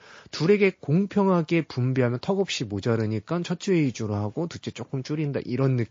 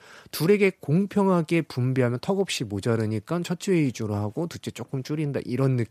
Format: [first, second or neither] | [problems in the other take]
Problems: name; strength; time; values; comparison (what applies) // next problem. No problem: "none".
second | garbled, watery; slightly